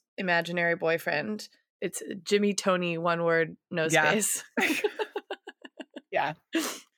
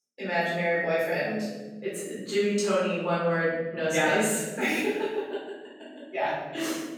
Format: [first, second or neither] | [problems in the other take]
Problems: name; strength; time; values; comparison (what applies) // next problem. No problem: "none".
first | off-mic speech; far // room echo; strong; dies away in 1.2 s